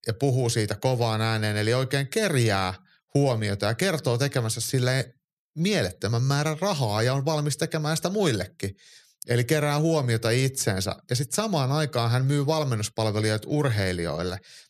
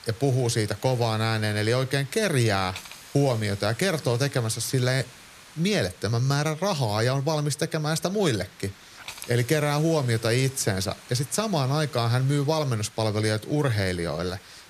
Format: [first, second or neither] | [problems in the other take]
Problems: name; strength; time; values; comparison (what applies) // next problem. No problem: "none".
first | hiss; noticeable; throughout; 20 dB below the speech